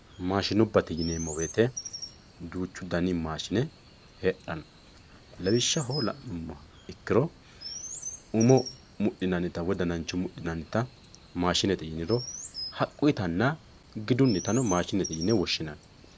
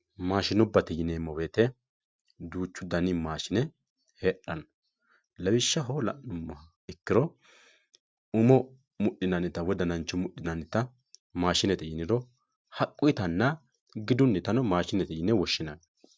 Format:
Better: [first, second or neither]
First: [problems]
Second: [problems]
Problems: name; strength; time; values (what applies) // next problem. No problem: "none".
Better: second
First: background sound (Chirp, tweet); 15 dB below the speech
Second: none